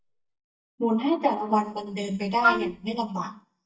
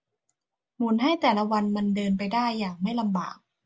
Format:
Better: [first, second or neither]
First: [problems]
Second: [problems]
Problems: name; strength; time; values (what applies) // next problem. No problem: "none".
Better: second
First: noise reduction (neural mask model DeepFilterNet 3)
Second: none